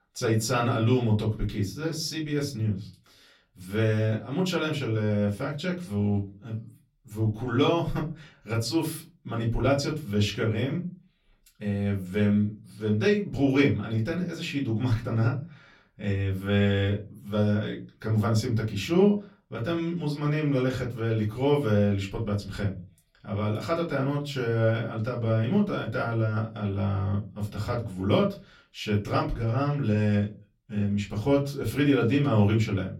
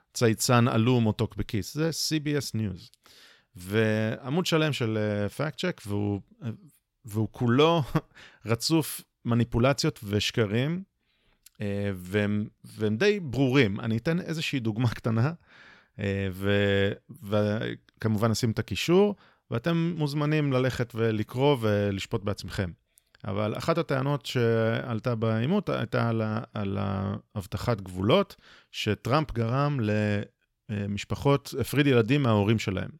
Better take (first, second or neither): second